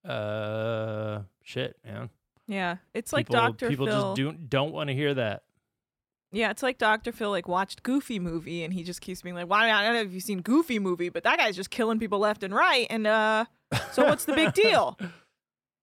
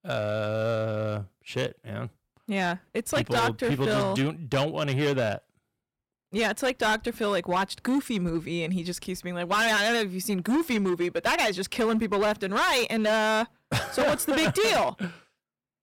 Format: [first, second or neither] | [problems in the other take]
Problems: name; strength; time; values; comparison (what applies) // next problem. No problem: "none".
first | distortion; heavy; 12% of the sound clipped